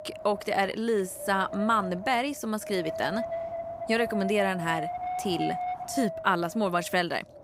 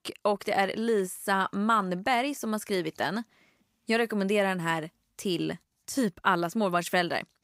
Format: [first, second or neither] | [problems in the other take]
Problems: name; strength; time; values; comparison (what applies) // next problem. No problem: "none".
second | wind noise on the microphone; heavy; 6 dB below the speech